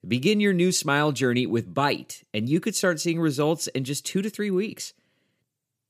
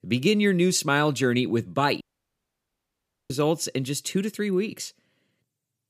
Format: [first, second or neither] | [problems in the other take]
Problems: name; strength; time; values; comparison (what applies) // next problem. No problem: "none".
first | audio cutting out; at 2 s for 1.5 s